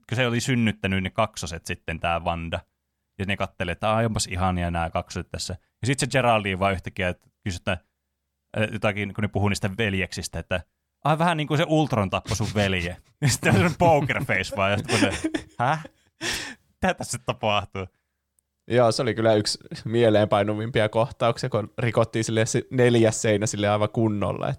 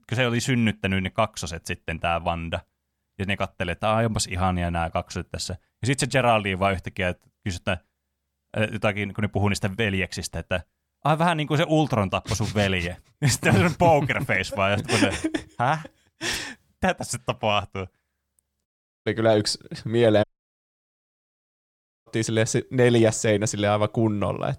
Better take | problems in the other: first | audio cutting out; at 19 s and at 20 s for 2 s

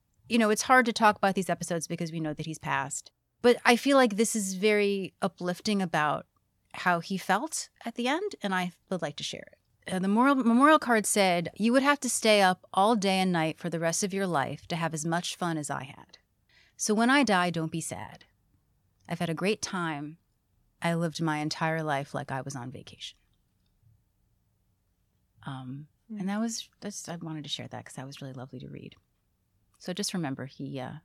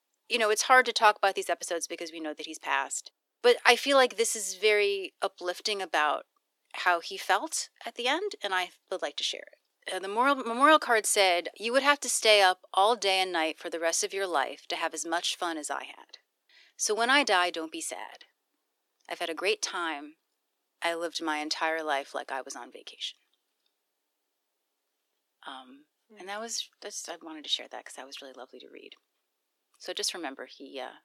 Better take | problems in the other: first | thin; somewhat; fading below 300 Hz

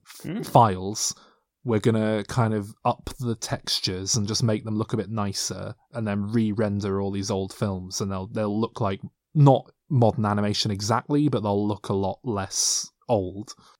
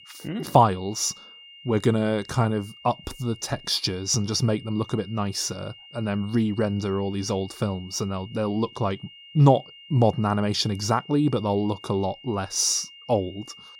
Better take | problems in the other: first | high-pitched whine; faint; throughout; 3 kHz, 20 dB below the speech

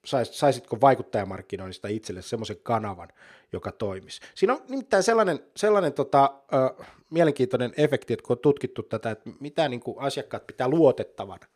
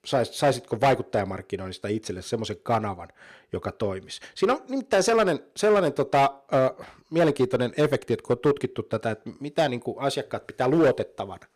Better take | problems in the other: first | distortion; slight; 5% of the sound clipped

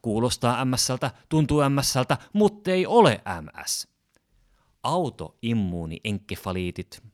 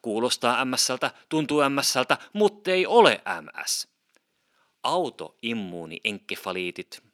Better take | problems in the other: first | thin; very slightly; fading below 350 Hz

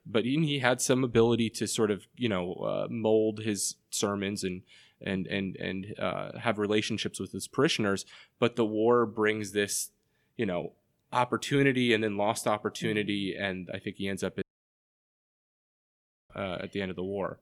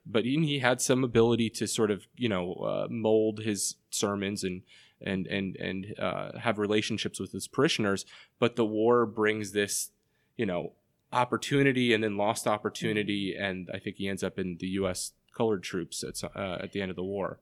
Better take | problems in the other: second | audio cutting out; at 14 s for 2 s

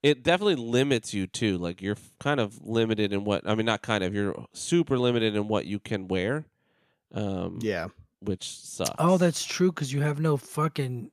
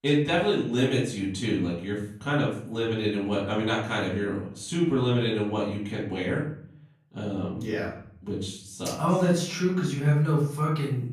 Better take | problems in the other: first | off-mic speech; far // room echo; noticeable; dies away in 0.5 s

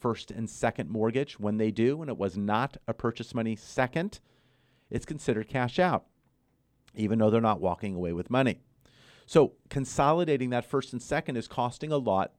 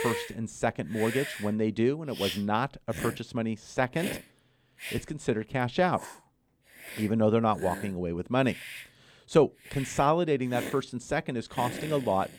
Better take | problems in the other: first | hiss; noticeable; throughout; 10 dB below the speech

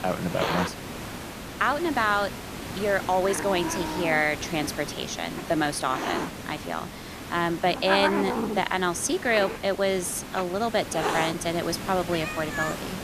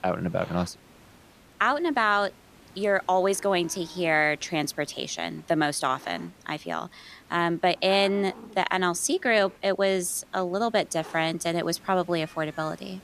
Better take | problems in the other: second | hiss; loud; throughout; 6 dB below the speech; faint in the second

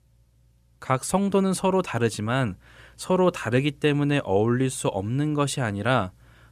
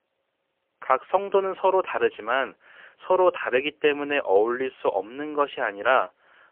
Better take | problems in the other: first | phone-call audio; poor line; nothing above 3 kHz

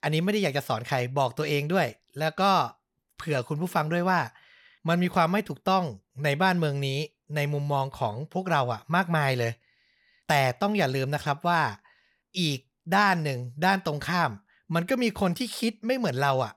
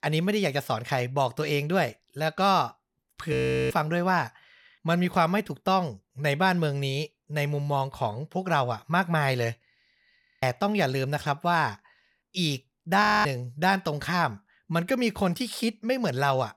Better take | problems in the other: first | audio freezing; at 3.5 s, at 10 s and at 13 s

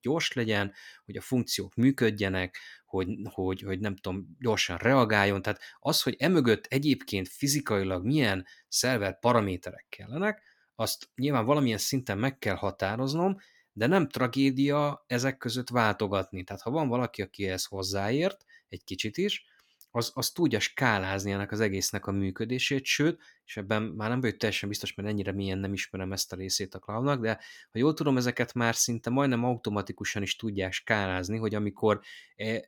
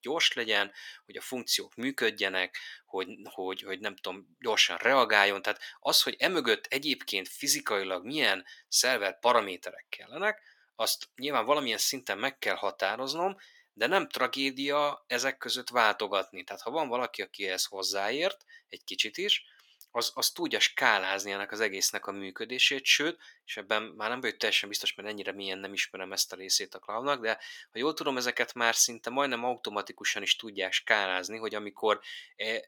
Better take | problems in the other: first | thin; somewhat; fading below 550 Hz

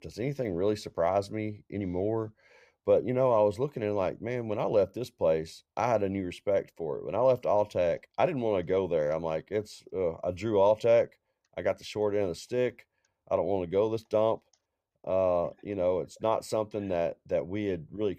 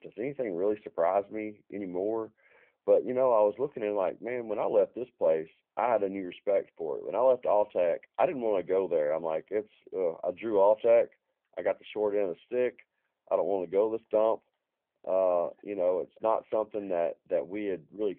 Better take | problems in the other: first | phone-call audio

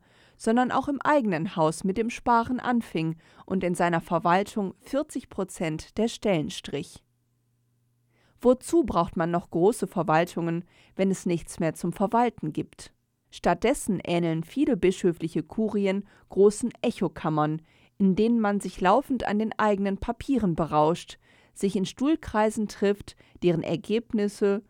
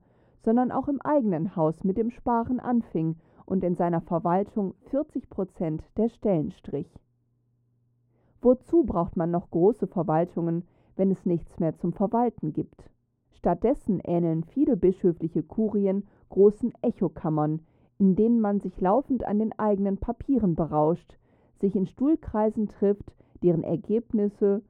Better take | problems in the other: first | muffled; very; fading above 1.5 kHz

